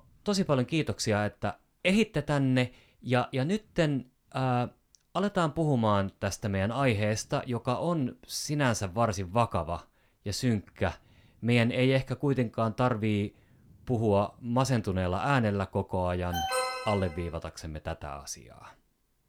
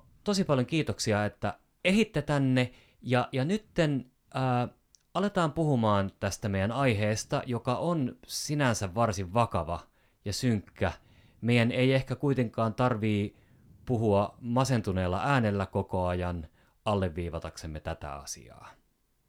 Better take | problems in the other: second | alarm; noticeable; at 16 s; peak level with the speech

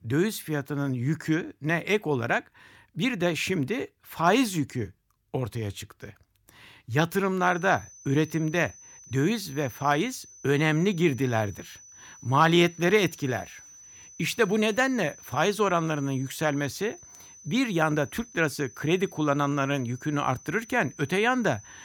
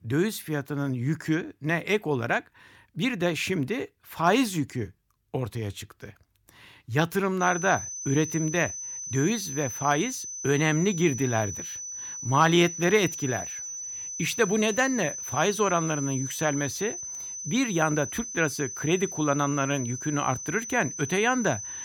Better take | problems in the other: first | high-pitched whine; loud; from 7.5 s on; 6 kHz, 7 dB below the speech; faint in the first

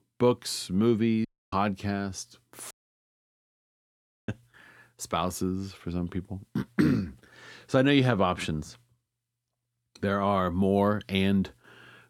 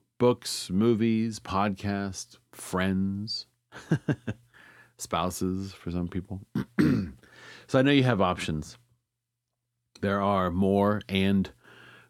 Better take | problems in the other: second | audio cutting out; at 1.5 s and at 2.5 s for 1.5 s

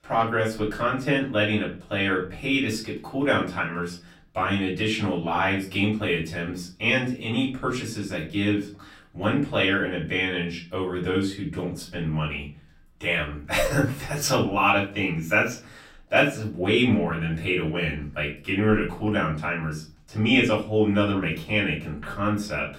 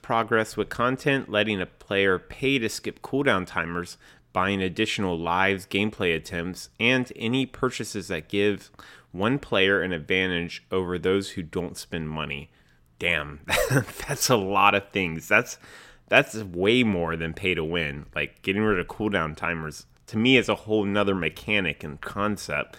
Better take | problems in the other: second | off-mic speech; far // room echo; slight; dies away in 0.3 s

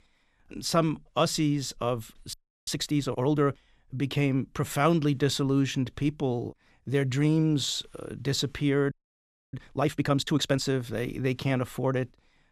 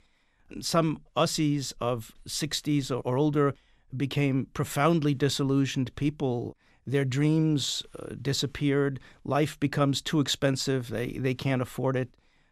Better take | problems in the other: second | audio freezing; at 2.5 s and at 9 s for 0.5 s

